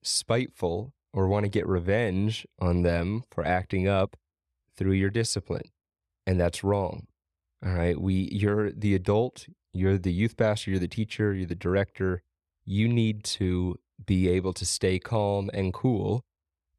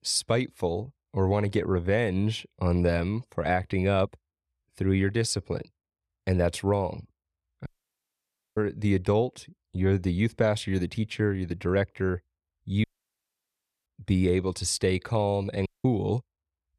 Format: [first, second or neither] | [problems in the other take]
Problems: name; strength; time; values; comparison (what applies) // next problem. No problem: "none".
first | audio cutting out; at 7.5 s for 1 s, at 13 s for 1 s and at 16 s